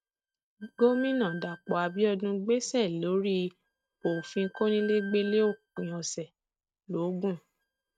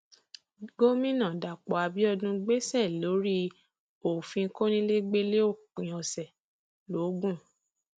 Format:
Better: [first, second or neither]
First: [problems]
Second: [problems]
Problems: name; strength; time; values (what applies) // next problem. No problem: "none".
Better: second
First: noise reduction (neural mask model RNNoise)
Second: none